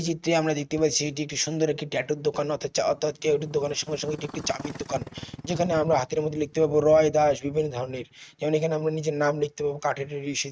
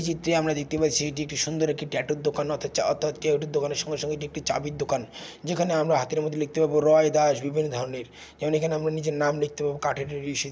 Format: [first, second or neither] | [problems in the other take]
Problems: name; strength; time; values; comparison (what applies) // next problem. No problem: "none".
second | noise reduction (neural mask model RNNoise)